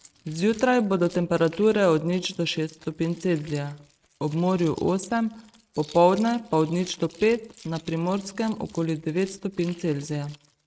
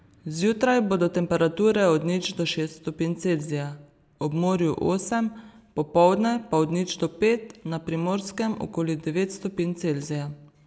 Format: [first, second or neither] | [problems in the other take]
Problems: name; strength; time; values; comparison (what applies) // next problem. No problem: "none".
second | noise reduction (neural mask model RNNoise)